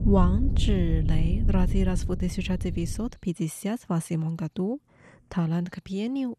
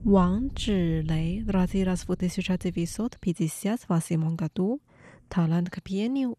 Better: second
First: low rumble; loud; until 3 s; 9 dB below the speech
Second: low rumble; faint; until 3 s; 25 dB below the speech

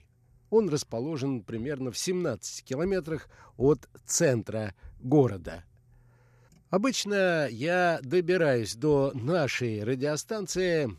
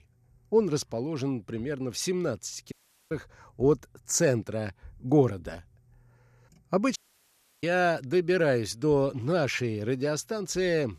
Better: first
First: none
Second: audio cutting out; at 2.5 s and at 7 s for 0.5 s

